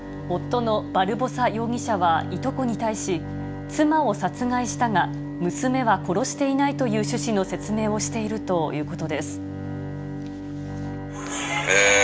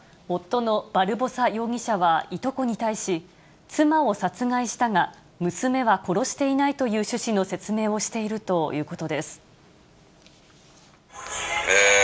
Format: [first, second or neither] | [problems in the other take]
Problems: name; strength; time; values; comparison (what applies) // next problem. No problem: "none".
second | background sound (Bowed string instrument); 7 dB below the speech